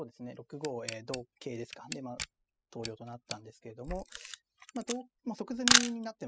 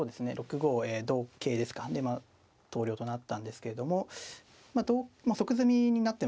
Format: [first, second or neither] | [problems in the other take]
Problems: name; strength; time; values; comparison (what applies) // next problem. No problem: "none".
second | noise reduction (classical method spectral subtraction)